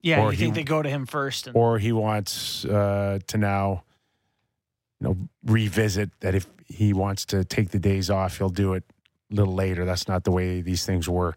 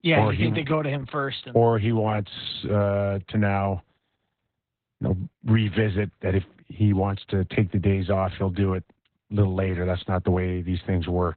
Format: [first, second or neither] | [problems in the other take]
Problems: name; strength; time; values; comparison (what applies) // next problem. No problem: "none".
first | garbled, watery; badly; nothing above 4 kHz